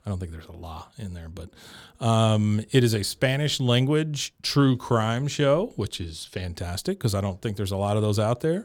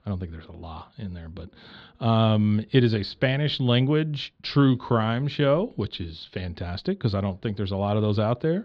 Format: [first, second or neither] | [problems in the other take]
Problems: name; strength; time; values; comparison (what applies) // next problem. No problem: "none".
first | muffled; very slightly; fading above 4 kHz